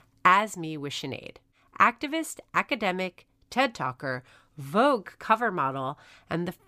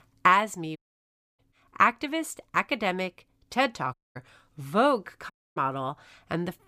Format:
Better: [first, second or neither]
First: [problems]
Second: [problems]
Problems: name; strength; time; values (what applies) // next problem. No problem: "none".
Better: first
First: none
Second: audio cutting out; at 1 s for 0.5 s, at 4 s and at 5.5 s